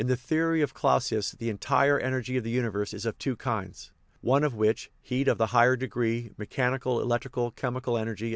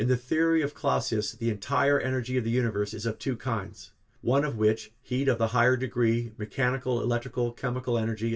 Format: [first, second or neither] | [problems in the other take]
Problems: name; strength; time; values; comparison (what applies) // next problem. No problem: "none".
first | room echo; dies away in 0.1 s